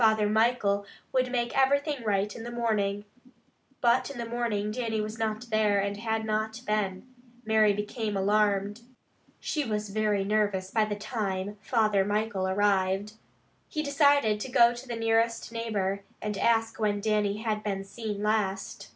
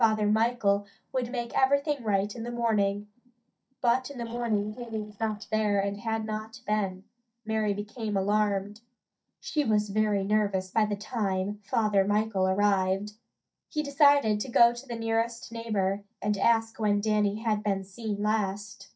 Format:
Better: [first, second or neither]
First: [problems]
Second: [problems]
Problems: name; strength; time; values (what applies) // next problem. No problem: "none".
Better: first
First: none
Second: noise reduction (neural mask model DeepFilterNet 3)